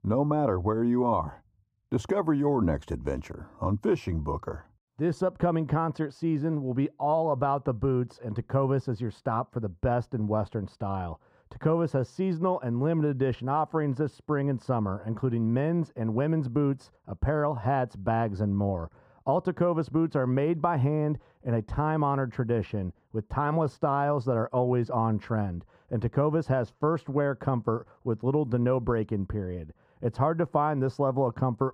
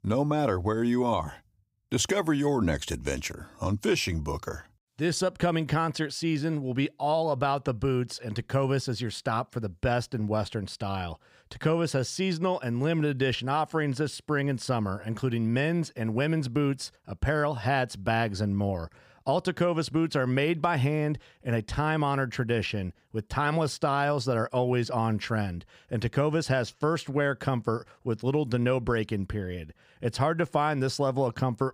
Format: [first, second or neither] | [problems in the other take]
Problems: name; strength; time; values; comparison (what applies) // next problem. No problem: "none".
second | muffled; very; fading above 1.5 kHz